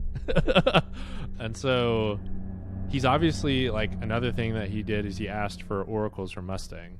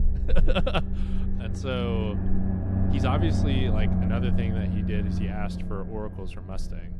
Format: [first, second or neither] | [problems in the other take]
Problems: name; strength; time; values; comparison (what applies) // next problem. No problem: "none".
first | low rumble; loud; throughout; 4 dB below the speech; faint in the first